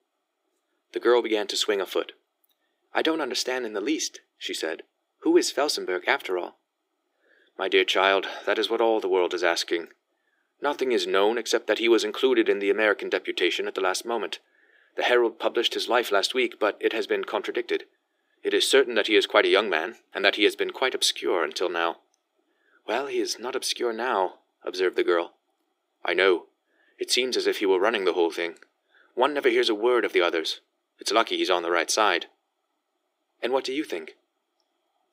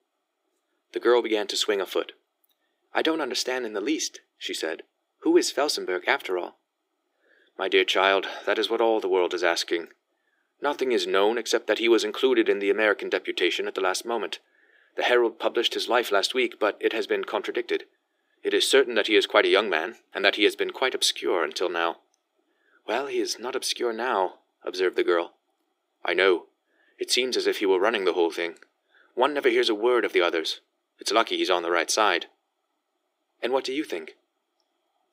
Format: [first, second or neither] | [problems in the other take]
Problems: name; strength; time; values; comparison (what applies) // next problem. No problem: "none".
neither | thin; very; fading below 350 Hz; the same in both